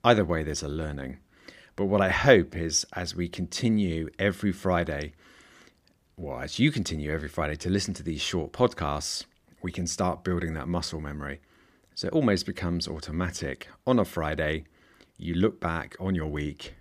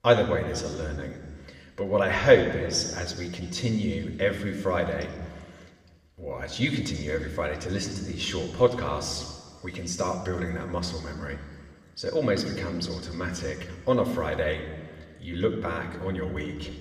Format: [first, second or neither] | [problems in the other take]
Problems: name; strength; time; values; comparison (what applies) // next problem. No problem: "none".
first | room echo; slight; dies away in 1.7 s // off-mic speech; somewhat distant